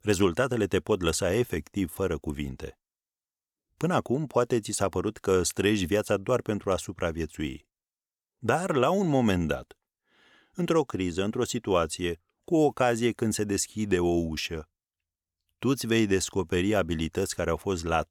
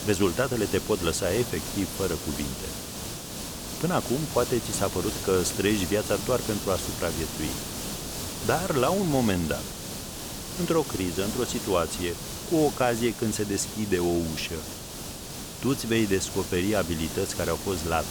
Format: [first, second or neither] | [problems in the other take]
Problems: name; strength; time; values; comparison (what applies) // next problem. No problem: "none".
first | hiss; loud; throughout; 6 dB below the speech